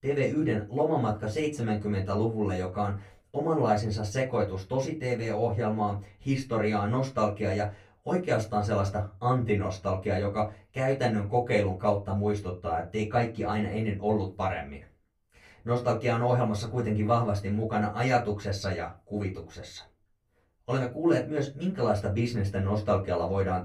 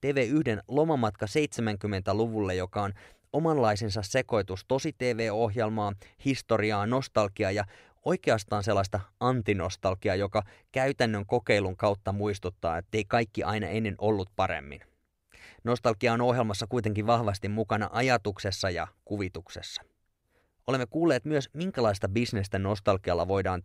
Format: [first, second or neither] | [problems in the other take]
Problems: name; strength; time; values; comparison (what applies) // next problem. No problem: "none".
second | off-mic speech; far // room echo; very slight; dies away in 0.2 s